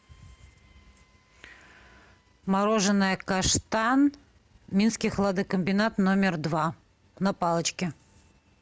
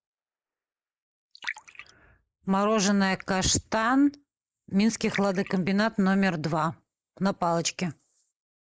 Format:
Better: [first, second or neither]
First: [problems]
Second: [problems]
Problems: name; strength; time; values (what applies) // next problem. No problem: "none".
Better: first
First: none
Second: noise reduction (neural mask model Resemble Enhance denoiser)